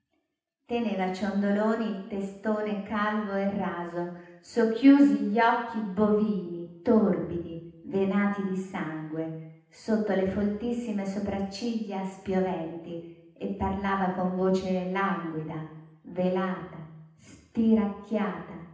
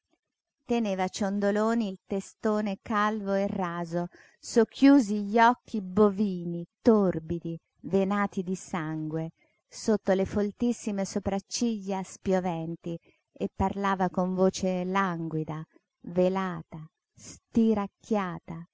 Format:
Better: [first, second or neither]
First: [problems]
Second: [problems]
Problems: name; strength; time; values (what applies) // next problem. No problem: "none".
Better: second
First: room echo; dies away in 0.9 s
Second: none